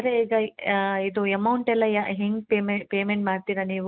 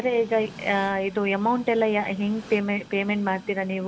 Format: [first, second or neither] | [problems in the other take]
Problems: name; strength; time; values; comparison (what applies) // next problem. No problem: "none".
first | background sound (Train); 19 dB below the speech